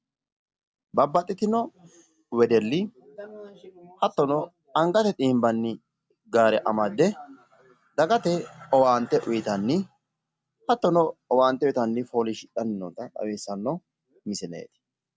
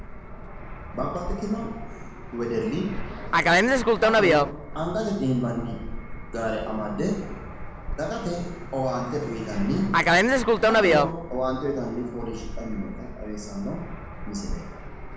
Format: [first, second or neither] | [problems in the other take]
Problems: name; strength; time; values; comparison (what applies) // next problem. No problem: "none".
first | background sound (Fixed-wing aircraft, airplane); 3 dB above the speech // room echo; dies away in 0.9 s